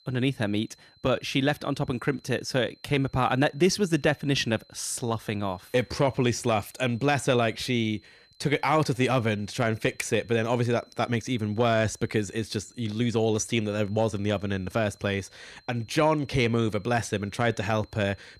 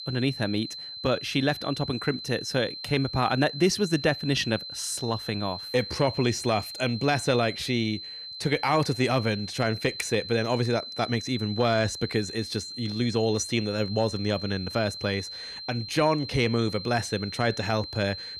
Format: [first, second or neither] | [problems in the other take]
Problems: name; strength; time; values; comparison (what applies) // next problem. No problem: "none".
first | high-pitched whine; loud; throughout; 4 kHz, 9 dB below the speech; faint in the first